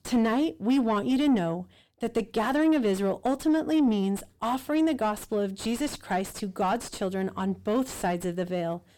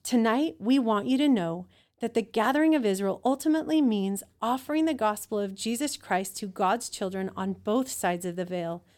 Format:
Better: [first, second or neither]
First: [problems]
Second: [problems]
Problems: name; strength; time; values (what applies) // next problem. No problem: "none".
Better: second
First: distortion; slight; 9 dB below the speech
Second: none